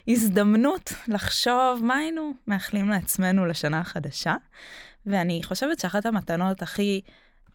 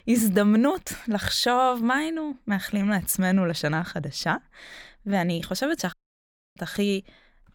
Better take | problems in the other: first | audio cutting out; at 6 s for 0.5 s

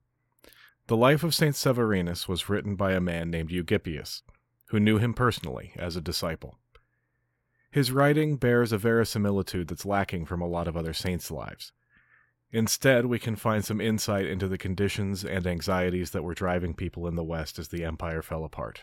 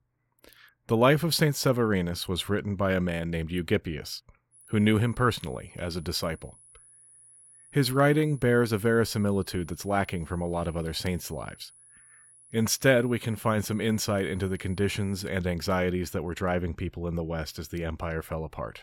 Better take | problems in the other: first | high-pitched whine; faint; from 4.5 to 15 s; 10 kHz, 25 dB below the speech

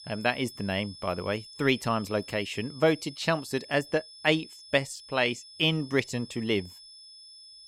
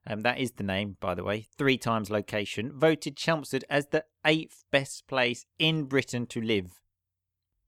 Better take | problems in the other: second | high-pitched whine; noticeable; throughout; 5 kHz, 15 dB below the speech

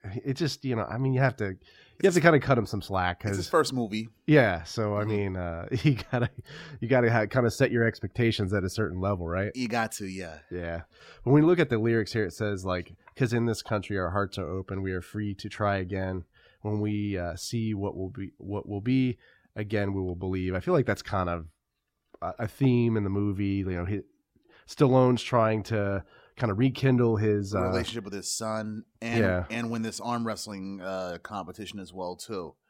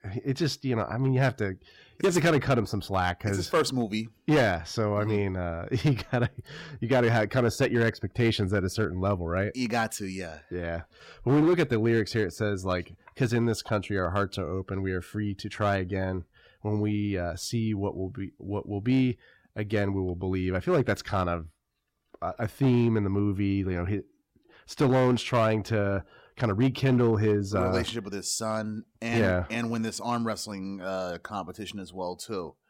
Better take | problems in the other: first | distortion; slight; 3% of the sound clipped

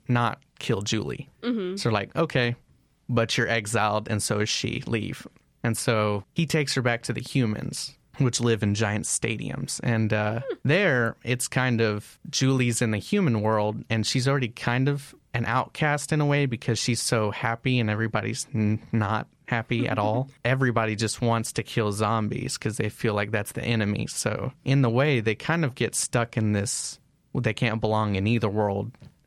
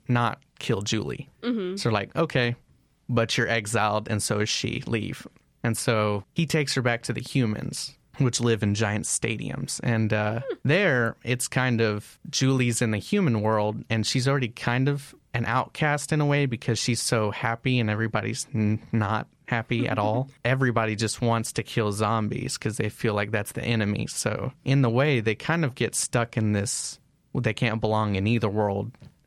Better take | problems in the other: neither | none

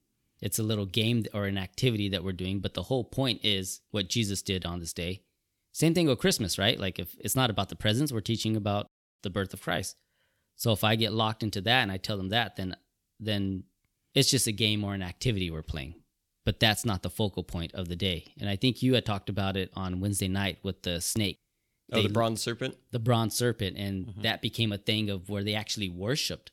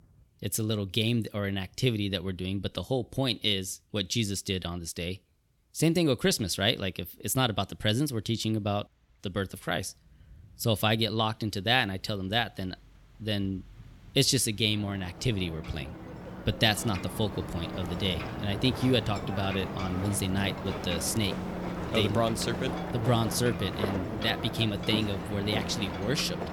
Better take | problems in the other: first | rain or running water; loud; throughout; 7 dB below the speech

